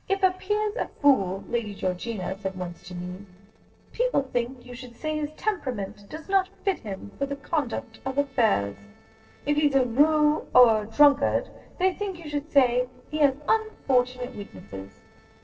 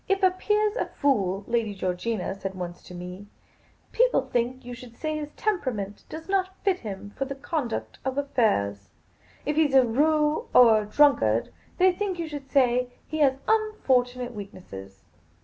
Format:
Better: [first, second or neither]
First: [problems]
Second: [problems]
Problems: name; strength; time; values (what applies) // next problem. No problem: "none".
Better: second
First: noise reduction (neural separator model SepFormer DNS4)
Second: none